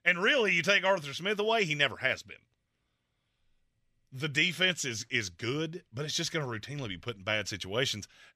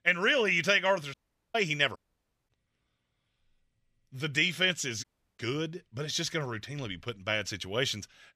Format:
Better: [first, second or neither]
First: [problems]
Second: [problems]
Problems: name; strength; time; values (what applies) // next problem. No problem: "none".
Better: first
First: none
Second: audio cutting out; at 1 s, at 2 s for 0.5 s and at 5 s